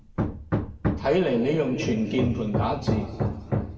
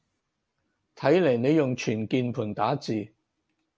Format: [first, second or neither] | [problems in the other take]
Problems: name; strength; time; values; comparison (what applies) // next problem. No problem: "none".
second | background sound (Hammer); 2 dB below the speech // room echo; dies away in 2.5 s